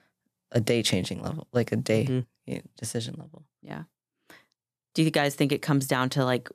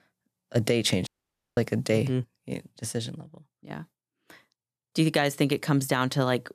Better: first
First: none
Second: audio cutting out; at 1 s for 0.5 s

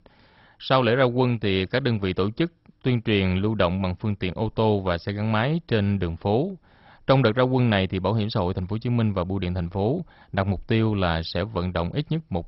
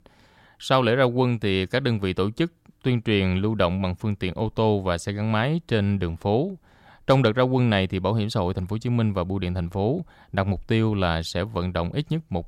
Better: second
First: garbled, watery; badly; nothing above 5.5 kHz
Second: none

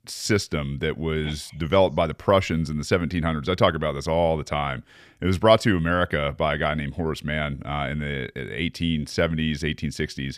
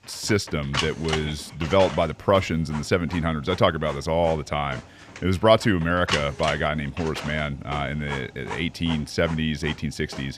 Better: first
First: none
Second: household noises; noticeable; throughout; 10 dB below the speech

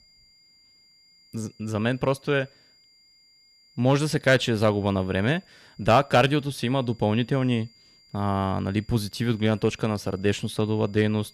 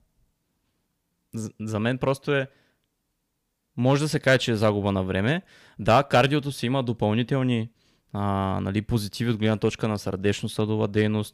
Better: second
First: high-pitched whine; faint; throughout; 5 kHz, 30 dB below the speech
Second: none

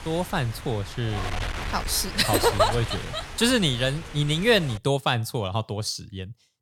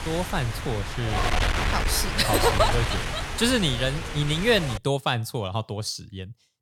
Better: first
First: wind noise on the microphone; occasional gusts; until 5 s; 10 dB below the speech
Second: wind noise on the microphone; heavy; until 5 s; 3 dB below the speech

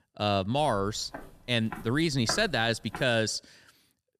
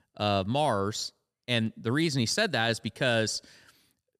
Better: second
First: footsteps; noticeable; from 1 to 3 s; peak 9 dB below the speech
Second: none

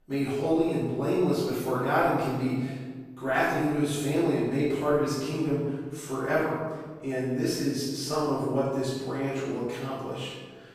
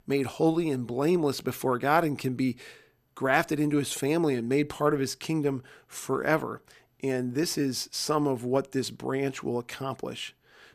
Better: second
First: off-mic speech; far // room echo; strong; dies away in 1.3 s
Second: none

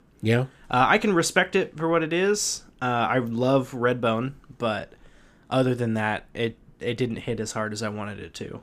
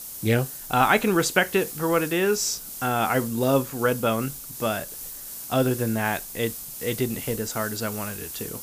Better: first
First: none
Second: hiss; loud; throughout; 9 dB below the speech

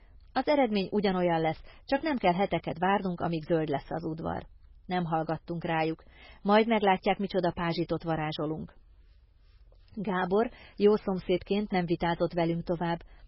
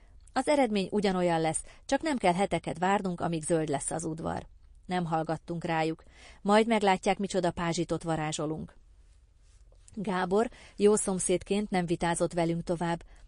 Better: second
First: garbled, watery; badly; nothing above 5.5 kHz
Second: garbled, watery; slightly; nothing above 10.5 kHz

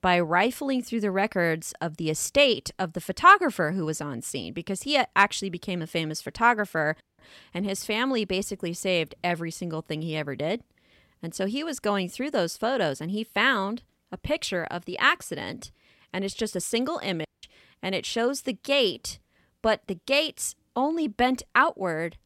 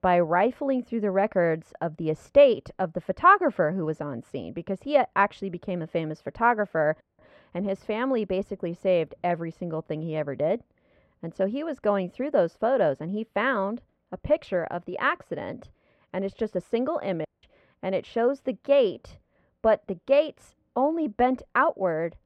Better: first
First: none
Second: muffled; very; fading above 3.5 kHz

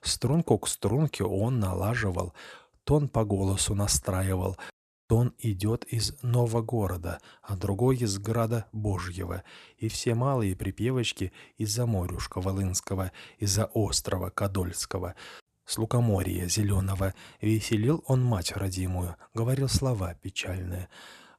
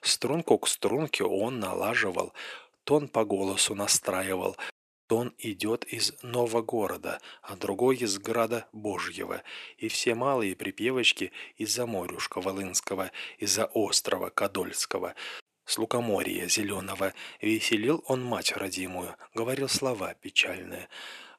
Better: first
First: none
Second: thin; somewhat; fading below 350 Hz

